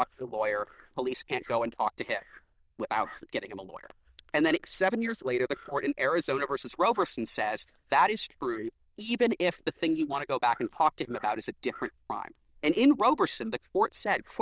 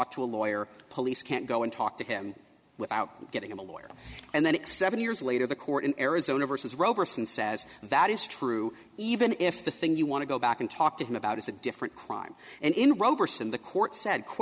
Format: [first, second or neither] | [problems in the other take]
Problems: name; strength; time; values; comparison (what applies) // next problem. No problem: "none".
second | noise reduction (neural diffusion model UNIVERSE++)